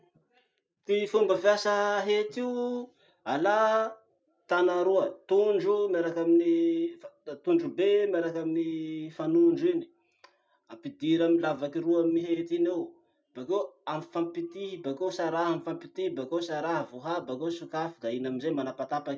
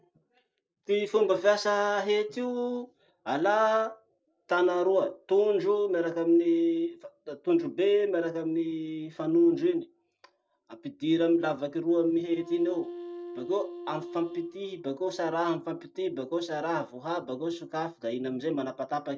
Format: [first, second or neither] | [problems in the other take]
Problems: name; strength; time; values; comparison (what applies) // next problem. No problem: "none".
first | noise reduction (neural separator model SepFormer DNS4)